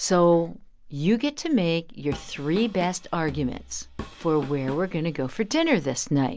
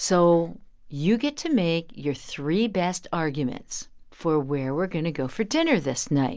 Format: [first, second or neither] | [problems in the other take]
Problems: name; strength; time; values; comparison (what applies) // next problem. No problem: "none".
second | background sound (Drum kit); 16 dB below the speech